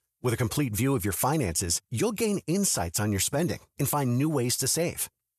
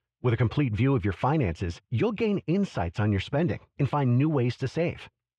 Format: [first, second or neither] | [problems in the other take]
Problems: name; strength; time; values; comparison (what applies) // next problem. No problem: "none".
first | muffled; very; fading above 3 kHz